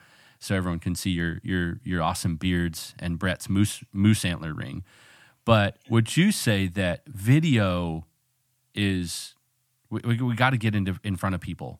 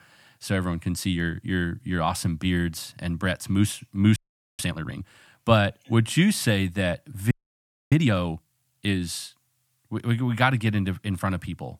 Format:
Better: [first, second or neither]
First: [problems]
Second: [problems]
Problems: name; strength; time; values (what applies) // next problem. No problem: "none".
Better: first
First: none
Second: audio freezing; at 4 s and at 7.5 s for 0.5 s